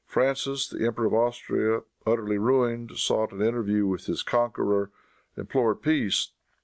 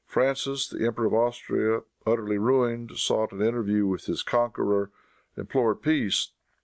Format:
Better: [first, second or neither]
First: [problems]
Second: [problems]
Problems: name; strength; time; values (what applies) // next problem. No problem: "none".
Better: first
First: none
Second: noise reduction (neural mask model Resemble Enhance denoiser)